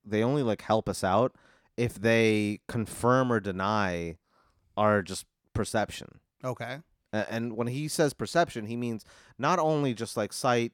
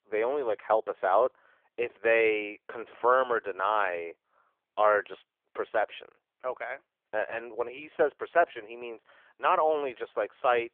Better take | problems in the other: first | phone-call audio; poor line

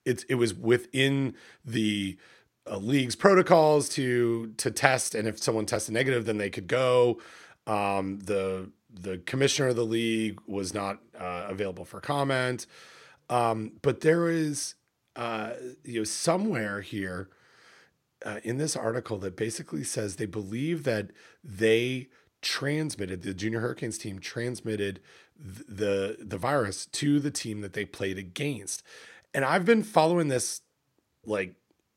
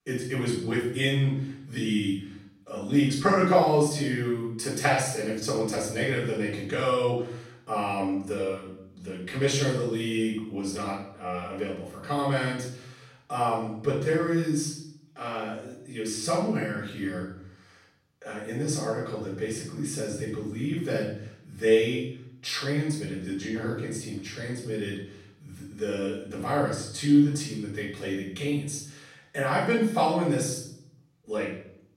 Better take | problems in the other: first | off-mic speech; far // room echo; noticeable; dies away in 0.6 s

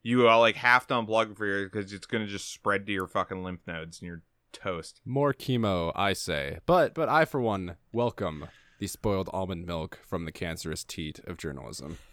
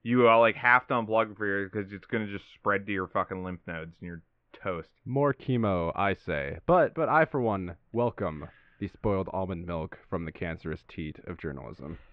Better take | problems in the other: first | muffled; very; fading above 2.5 kHz

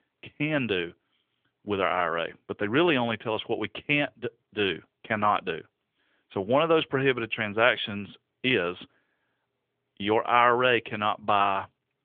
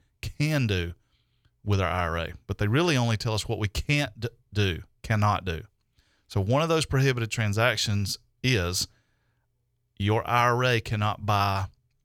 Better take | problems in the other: second | phone-call audio; nothing above 3.5 kHz

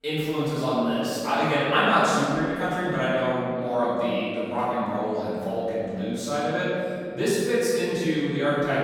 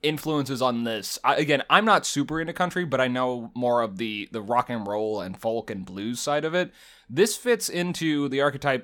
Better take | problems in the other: second | off-mic speech; far // room echo; strong; dies away in 2.6 s

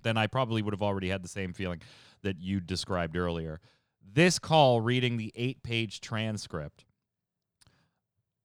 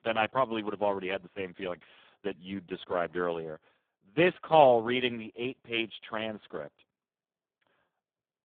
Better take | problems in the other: first | phone-call audio; poor line; nothing above 3.5 kHz

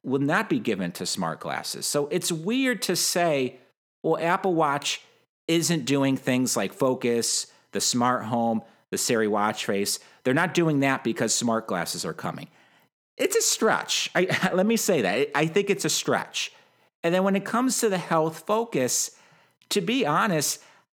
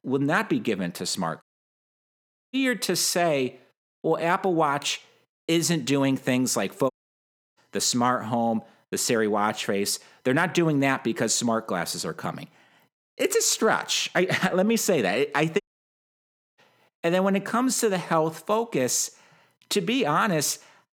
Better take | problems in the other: first | audio cutting out; at 1.5 s for 1 s, at 7 s for 0.5 s and at 16 s for 1 s

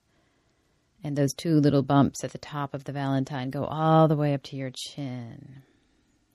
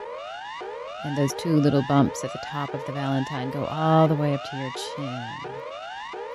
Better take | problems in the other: first | siren; noticeable; peak 9 dB below the speech

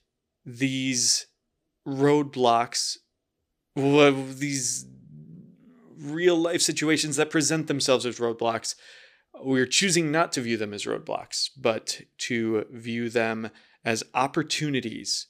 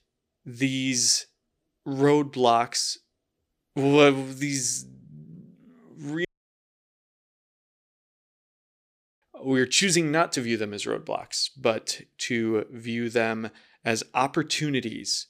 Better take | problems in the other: first | audio cutting out; at 6.5 s for 3 s

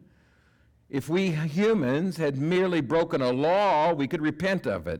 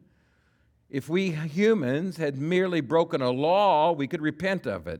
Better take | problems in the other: second | distortion; slight; 10 dB below the speech

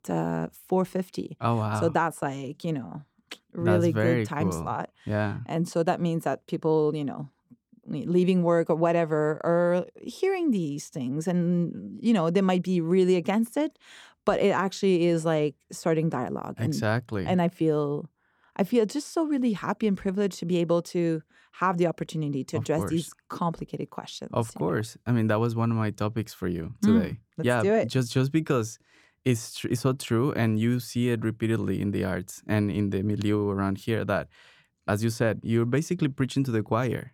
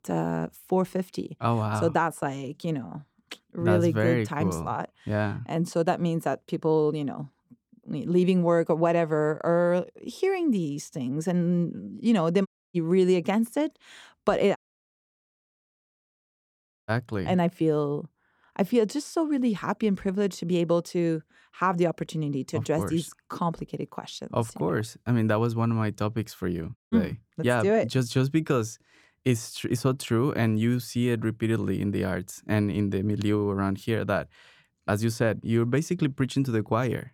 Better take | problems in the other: first | audio cutting out; at 12 s, at 15 s for 2.5 s and at 27 s

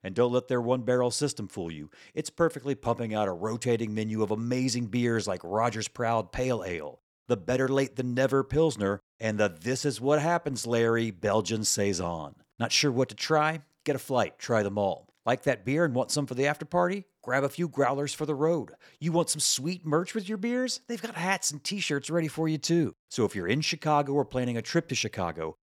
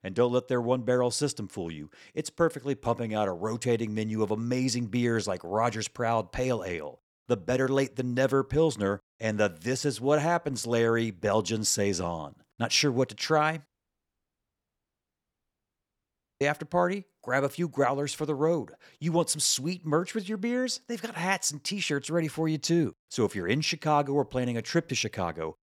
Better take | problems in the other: first | audio cutting out; at 14 s for 3 s

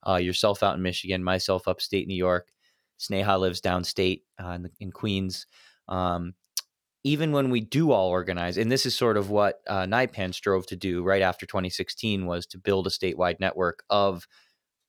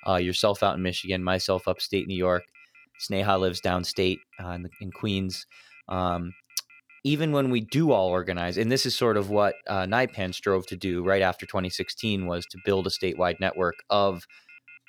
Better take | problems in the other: first | alarms or sirens; faint; throughout; 25 dB below the speech

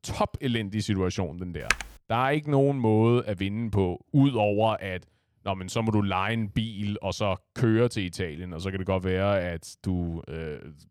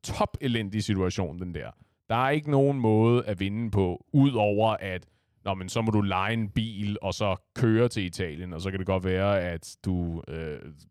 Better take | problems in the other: second | keyboard typing; noticeable; at 1.5 s; peak 1 dB below the speech

